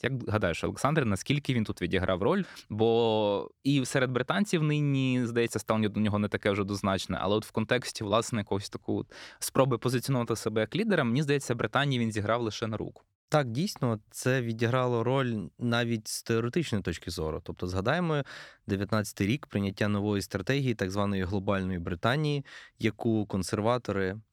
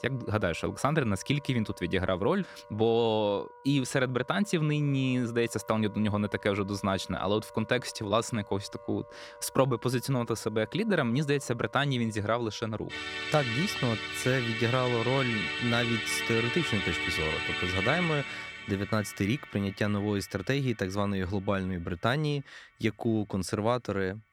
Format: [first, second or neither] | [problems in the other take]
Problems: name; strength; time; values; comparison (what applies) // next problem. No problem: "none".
first | background music; loud; throughout; 2 dB below the speech